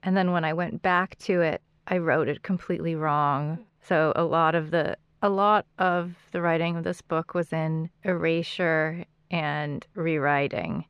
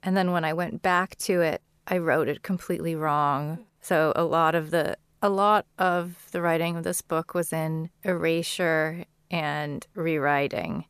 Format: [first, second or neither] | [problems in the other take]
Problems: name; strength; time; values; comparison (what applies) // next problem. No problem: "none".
second | muffled; very slightly; fading above 3 kHz